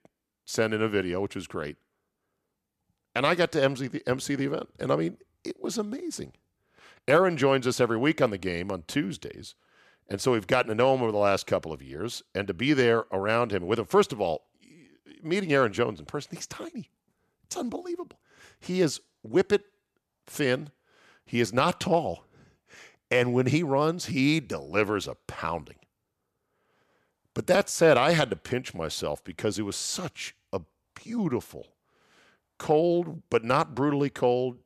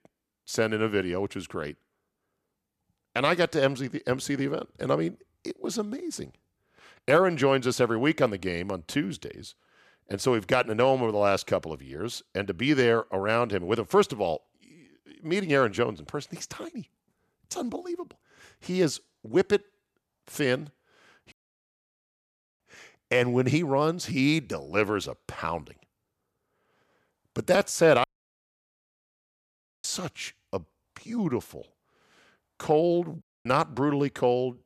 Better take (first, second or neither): first